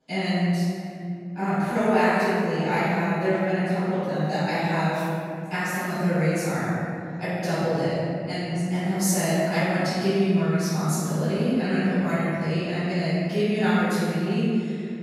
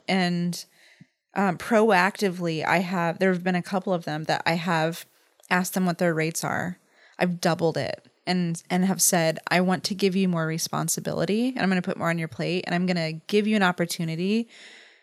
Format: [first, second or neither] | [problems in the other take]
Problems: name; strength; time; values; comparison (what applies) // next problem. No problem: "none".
second | off-mic speech; far // room echo; strong; dies away in 3 s